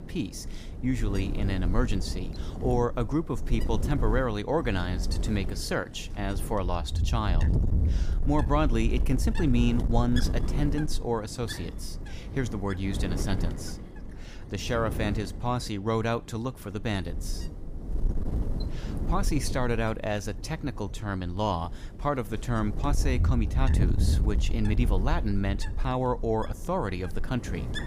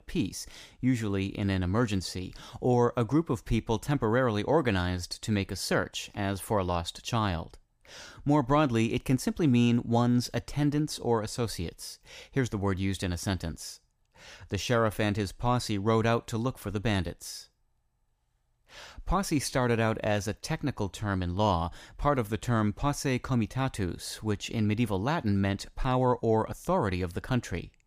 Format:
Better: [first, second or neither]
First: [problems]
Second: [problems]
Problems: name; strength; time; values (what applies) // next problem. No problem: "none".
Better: second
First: wind noise on the microphone; occasional gusts; 10 dB below the speech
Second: none